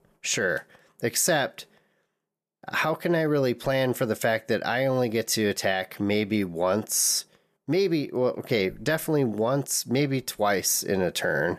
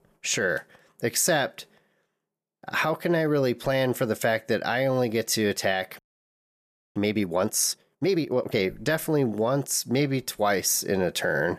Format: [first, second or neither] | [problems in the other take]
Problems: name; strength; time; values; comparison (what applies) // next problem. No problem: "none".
first | audio freezing; at 6 s for 1 s